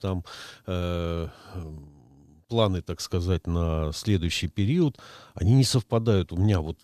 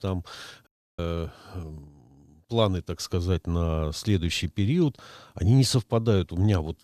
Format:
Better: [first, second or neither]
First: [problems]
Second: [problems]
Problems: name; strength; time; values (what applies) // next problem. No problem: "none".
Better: first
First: none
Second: audio cutting out; at 0.5 s